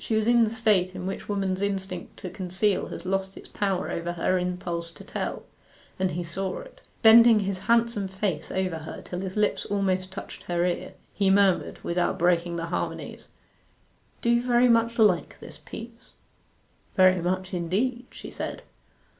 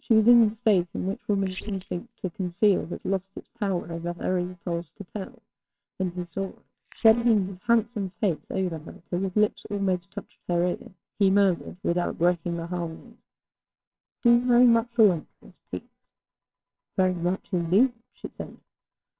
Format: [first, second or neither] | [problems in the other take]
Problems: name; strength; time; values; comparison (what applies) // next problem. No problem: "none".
first | noise reduction (neural separator model SepFormer WHAMR!)